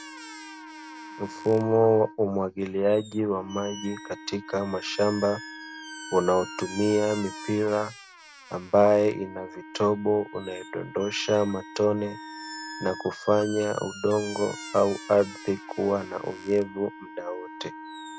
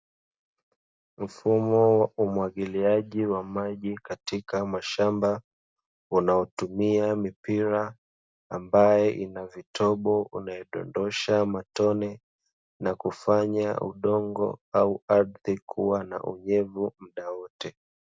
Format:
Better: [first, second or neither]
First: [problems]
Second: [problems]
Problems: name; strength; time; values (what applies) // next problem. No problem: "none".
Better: second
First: background sound (Squeak + Wind instrument, woodwind instrument); 15 dB below the speech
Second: none